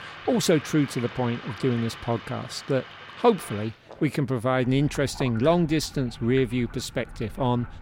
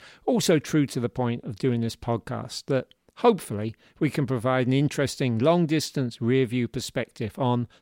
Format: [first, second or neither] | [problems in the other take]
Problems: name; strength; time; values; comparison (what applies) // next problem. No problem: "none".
second | household noises; noticeable; throughout; 15 dB below the speech